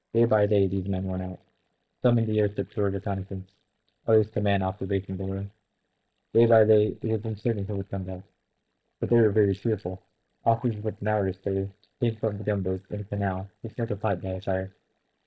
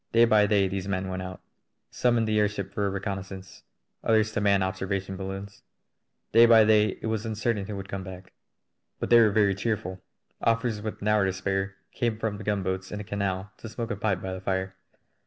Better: second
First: noise reduction (neural mask model DeepFilterNet 3)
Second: none

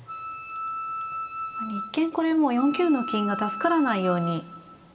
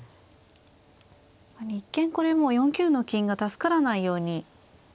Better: second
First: background sound (Wind instrument, woodwind instrument); 8 dB below the speech // room echo; dies away in 1.5 s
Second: none

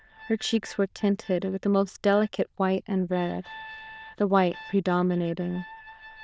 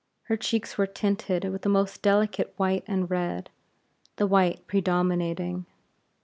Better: second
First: noise reduction (neural diffusion model UNIVERSE++)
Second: none

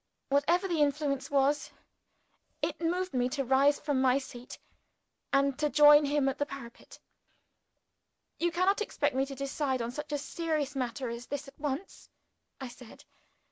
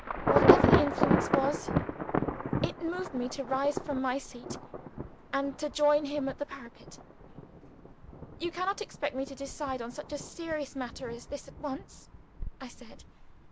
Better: first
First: none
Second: background sound (Thunder / Traffic noise, roadway noise / Rain / Insect); 2 dB above the speech

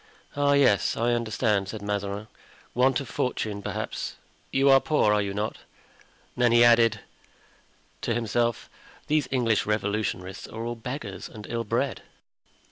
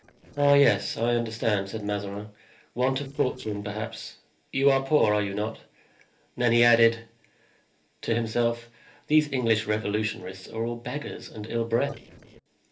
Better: first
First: none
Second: noise reduction (neural separator model SepFormer DNS4)

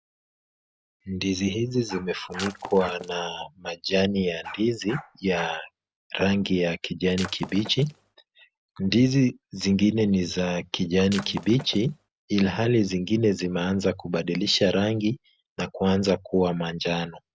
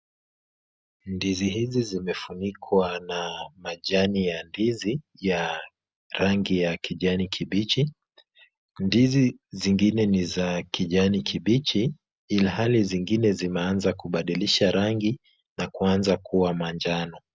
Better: second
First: background sound (Shatter + Bark); 15 dB below the speech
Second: none

